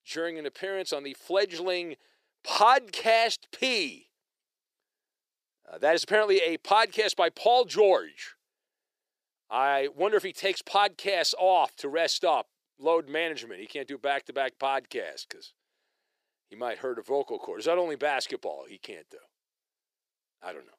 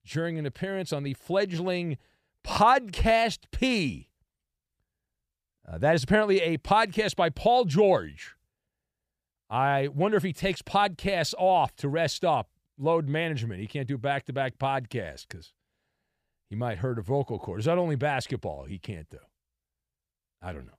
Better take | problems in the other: second | thin; very; fading below 350 Hz

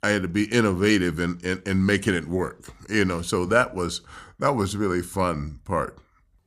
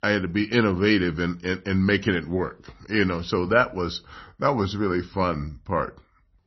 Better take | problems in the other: first | garbled, watery; slightly; nothing above 6 kHz

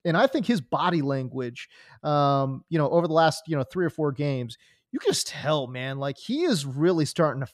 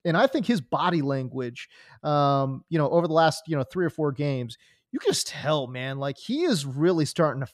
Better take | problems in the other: neither | none

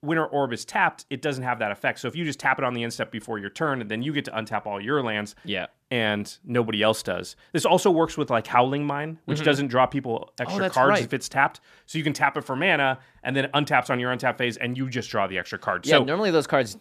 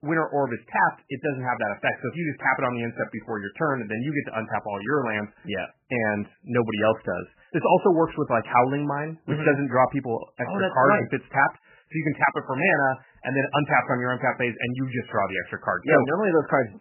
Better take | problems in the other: first | garbled, watery; badly; nothing above 3 kHz

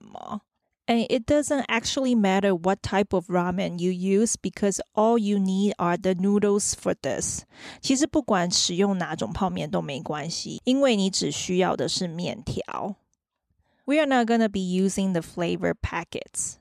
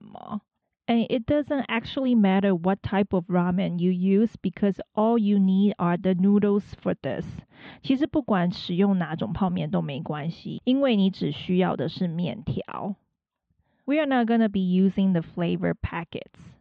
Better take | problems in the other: first | muffled; very; fading above 3.5 kHz

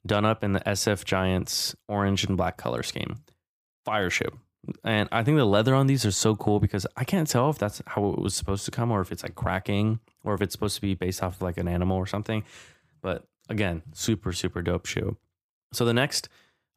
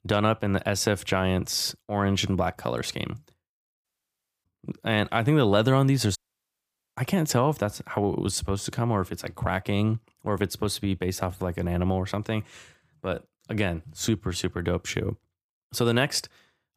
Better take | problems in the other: first | audio cutting out; at 4 s for 0.5 s and at 6 s for 1 s

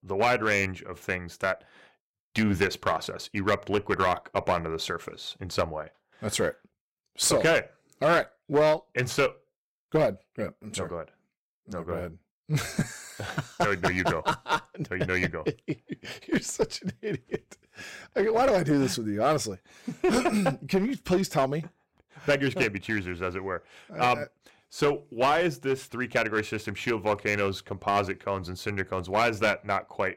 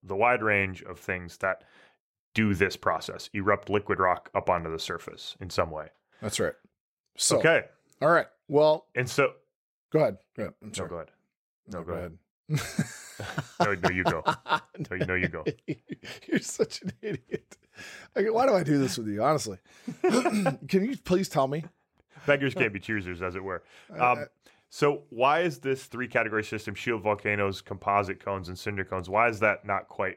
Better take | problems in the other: second | distortion; slight; 4% of the sound clipped

